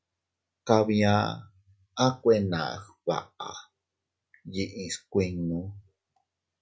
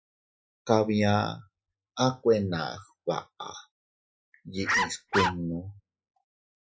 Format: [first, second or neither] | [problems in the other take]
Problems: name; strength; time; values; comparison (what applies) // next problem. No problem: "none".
first | noise reduction (classical method spectral subtraction)